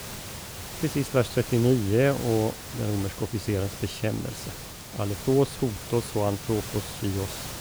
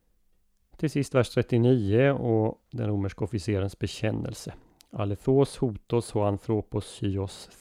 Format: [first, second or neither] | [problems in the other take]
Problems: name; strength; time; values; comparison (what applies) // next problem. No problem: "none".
second | hiss; loud; throughout; 10 dB below the speech